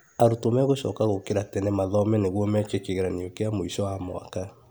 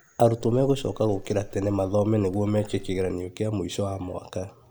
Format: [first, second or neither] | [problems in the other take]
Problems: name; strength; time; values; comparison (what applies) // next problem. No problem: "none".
first | background sound (Livestock, farm animals, working animals); 15 dB below the speech